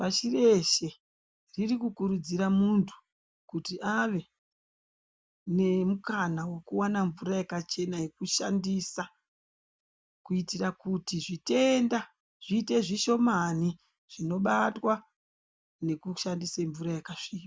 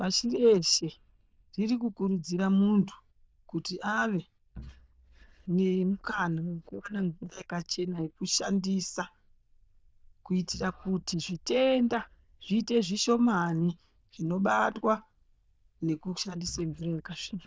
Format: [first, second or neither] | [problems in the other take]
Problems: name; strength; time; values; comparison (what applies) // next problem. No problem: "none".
first | noise reduction (neural diffusion model UNIVERSE++)